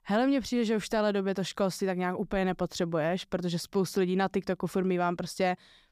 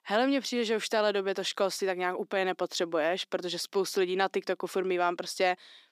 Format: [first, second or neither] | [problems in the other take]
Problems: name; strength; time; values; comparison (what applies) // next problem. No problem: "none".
first | thin; somewhat; fading below 250 Hz